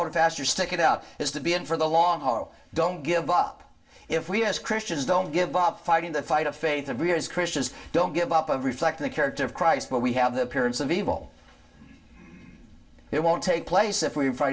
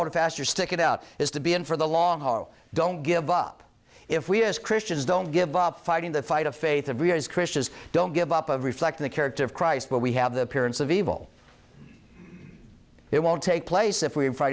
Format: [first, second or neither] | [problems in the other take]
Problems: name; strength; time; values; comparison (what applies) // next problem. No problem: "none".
second | room echo; dies away in 0.2 s